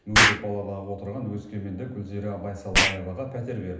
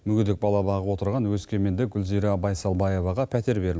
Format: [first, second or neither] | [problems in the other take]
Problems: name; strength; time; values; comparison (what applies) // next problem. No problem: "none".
second | background sound (Explosion); 4 dB above the speech // room echo; dies away in 0.8 s